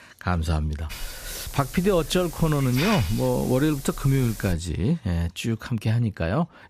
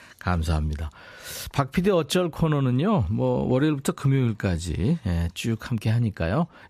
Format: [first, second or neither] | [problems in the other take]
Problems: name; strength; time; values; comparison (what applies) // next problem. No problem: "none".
second | hiss; noticeable; from 1 to 4.5 s; 10 dB below the speech